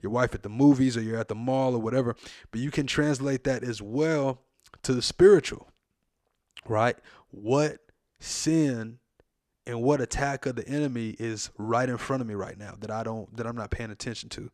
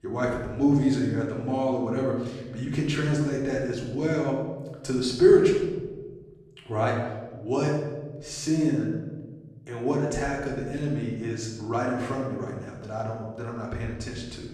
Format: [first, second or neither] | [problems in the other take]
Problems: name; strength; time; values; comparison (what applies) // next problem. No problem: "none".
first | off-mic speech; far // room echo; noticeable; dies away in 1.4 s